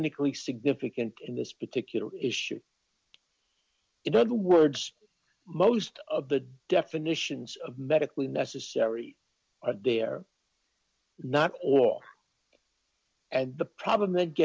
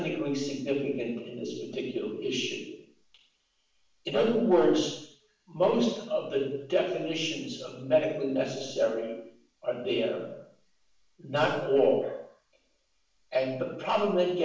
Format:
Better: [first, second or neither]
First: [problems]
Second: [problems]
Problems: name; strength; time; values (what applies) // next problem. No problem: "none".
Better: first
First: none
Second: room echo; dies away in 0.7 s